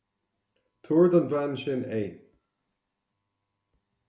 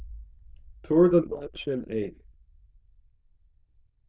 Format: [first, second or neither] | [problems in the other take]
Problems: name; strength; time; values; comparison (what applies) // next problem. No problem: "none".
first | noise reduction (neural diffusion model UNIVERSE++)